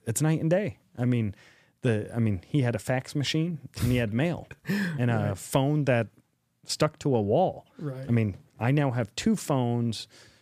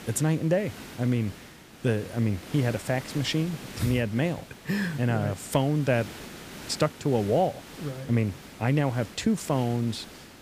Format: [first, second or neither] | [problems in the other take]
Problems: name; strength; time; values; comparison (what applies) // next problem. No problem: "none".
first | hiss; noticeable; throughout; 15 dB below the speech